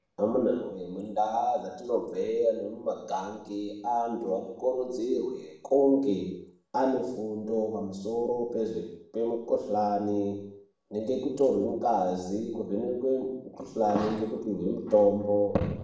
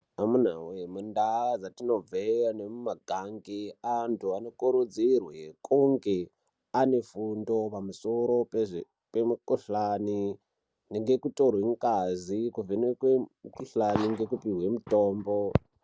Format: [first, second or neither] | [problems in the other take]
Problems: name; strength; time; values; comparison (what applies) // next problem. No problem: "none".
second | room echo; dies away in 0.6 s